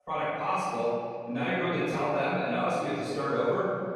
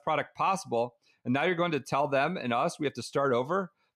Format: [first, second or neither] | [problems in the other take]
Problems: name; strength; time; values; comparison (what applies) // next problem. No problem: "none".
second | off-mic speech; far // room echo; strong; dies away in 1.9 s